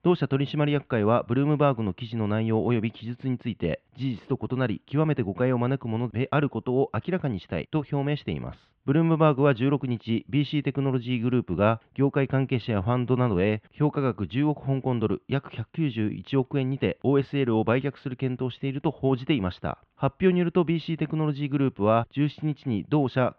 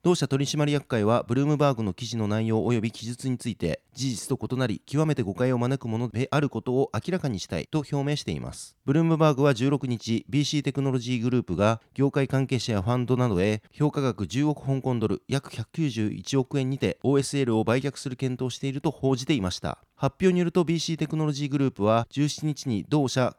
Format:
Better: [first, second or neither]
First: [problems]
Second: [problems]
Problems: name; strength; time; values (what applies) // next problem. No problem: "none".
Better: second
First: muffled; very; fading above 3 kHz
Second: none